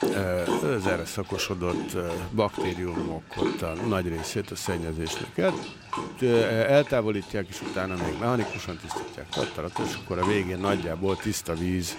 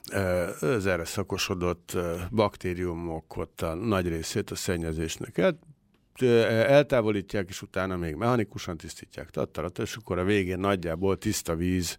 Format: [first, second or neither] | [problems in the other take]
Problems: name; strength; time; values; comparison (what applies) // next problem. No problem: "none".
second | animal sounds; loud; throughout; 6 dB below the speech